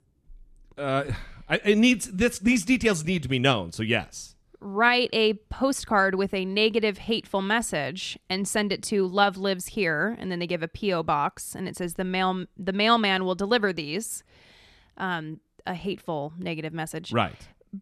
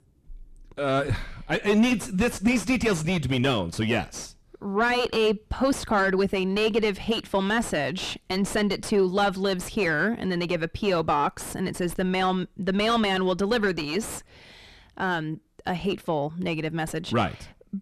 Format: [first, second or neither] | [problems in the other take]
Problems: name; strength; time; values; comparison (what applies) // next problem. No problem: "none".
first | distortion; heavy; 4 dB below the speech